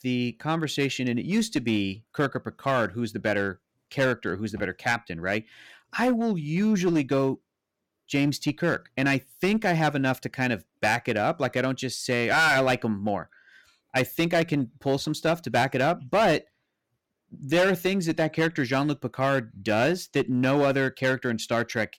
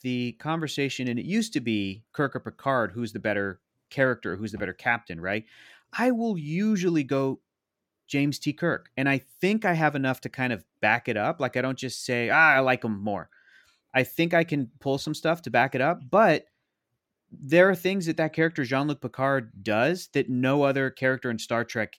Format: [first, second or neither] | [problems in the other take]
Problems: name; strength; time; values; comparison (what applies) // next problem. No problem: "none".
second | distortion; slight; 7% of the sound clipped